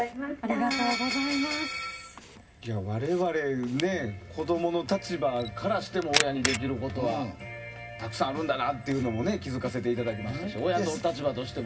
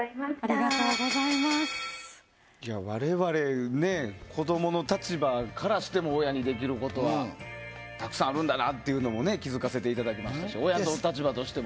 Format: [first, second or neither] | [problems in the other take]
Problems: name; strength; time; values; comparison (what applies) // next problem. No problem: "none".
second | background sound (Camera); 11 dB below the speech // room echo; dies away in 0.4 s